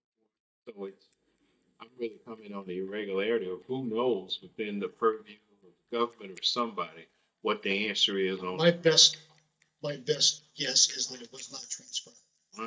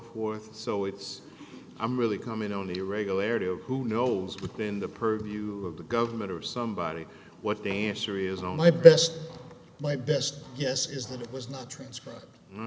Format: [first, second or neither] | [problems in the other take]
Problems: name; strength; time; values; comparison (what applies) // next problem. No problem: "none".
second | noise reduction (neural mask model DeepFilterNet 3)